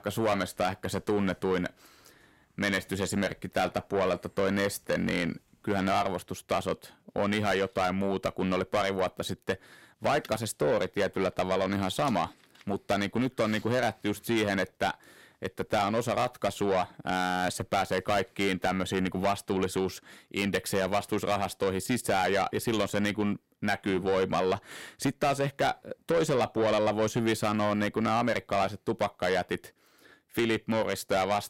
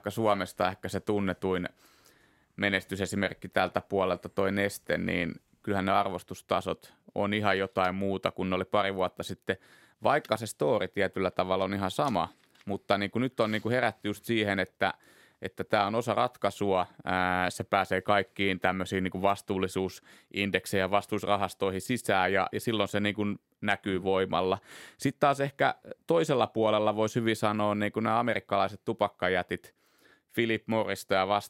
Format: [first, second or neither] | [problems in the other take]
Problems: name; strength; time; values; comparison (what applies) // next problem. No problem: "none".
second | distortion; heavy; 7 dB below the speech